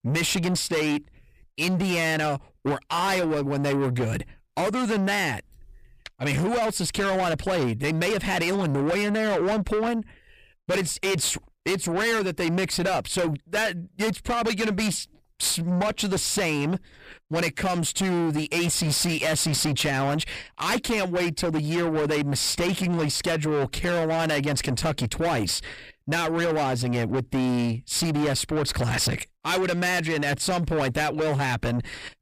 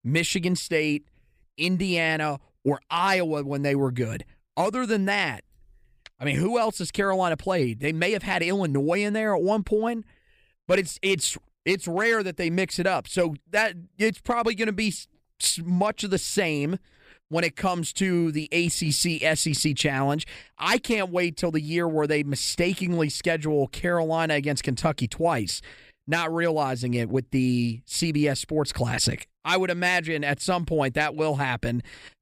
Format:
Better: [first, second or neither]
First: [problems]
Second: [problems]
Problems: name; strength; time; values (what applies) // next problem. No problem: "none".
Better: second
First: distortion; heavy; 7 dB below the speech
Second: none